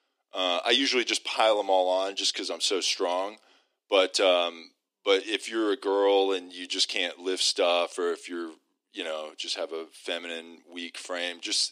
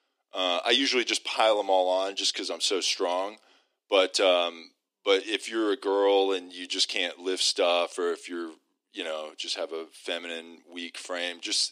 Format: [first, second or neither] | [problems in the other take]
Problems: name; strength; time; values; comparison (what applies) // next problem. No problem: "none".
neither | thin; somewhat; fading below 250 Hz; the same in both